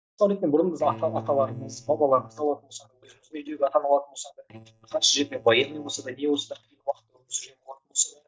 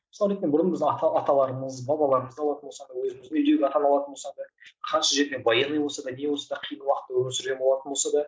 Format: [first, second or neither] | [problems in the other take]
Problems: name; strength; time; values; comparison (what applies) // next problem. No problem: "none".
second | noise reduction (neural mask model DeepFilterNet 3)